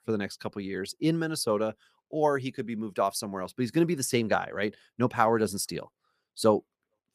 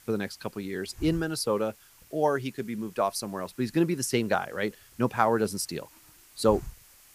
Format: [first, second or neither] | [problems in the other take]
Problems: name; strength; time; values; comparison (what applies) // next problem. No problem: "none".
first | hiss; faint; throughout; 20 dB below the speech